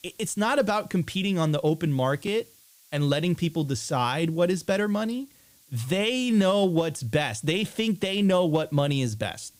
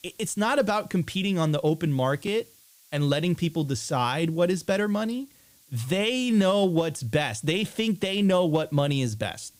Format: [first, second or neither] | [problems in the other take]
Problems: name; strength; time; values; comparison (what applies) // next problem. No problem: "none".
neither | hiss; faint; throughout; 30 dB below the speech; the same in both